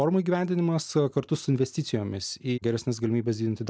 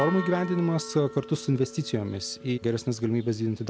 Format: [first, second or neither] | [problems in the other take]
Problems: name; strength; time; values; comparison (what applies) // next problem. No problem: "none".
first | background sound (Church bell); 13 dB below the speech